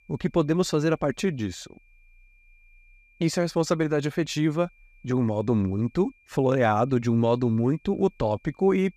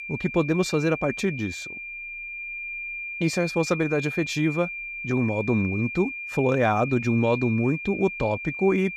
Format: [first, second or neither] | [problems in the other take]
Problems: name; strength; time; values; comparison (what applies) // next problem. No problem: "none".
first | high-pitched whine; loud; throughout; 2.5 kHz, 7 dB below the speech; faint in the first